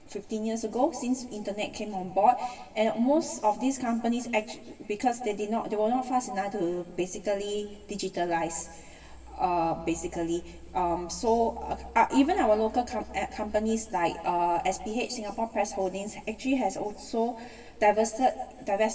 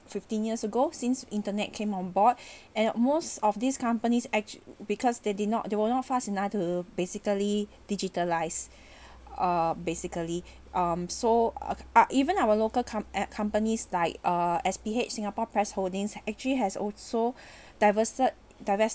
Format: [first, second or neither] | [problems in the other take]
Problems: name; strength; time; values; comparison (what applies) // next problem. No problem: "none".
second | room echo; dies away in 1.3 s